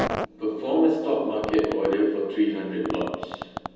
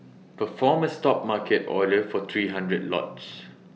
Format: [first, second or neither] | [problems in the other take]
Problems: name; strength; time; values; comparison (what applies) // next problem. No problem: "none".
second | background sound (Fart); 9 dB below the speech // room echo; dies away in 1.1 s